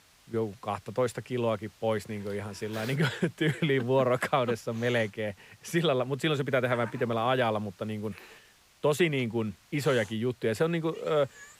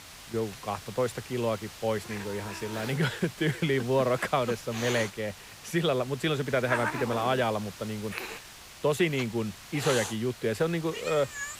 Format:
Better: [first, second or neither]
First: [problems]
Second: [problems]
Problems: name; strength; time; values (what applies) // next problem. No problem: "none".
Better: first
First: hiss; faint; throughout; 25 dB below the speech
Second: hiss; loud; throughout; 9 dB below the speech